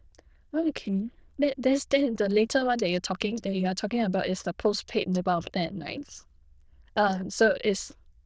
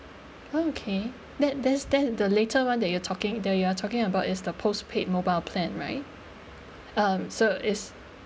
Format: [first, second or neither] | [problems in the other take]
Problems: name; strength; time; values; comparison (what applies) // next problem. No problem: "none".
second | noise reduction (neural diffusion model UNIVERSE++)